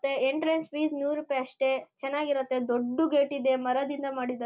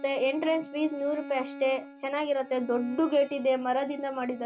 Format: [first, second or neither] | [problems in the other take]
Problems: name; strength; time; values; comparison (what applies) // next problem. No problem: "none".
first | background sound (Bowed string instrument); 16 dB below the speech